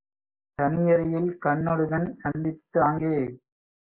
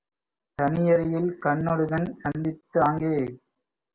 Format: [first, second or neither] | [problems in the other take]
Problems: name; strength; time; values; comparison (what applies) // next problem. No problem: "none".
second | noise reduction (neural mask model Resemble Enhance denoiser)